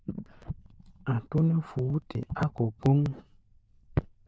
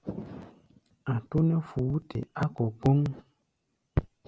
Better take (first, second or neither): second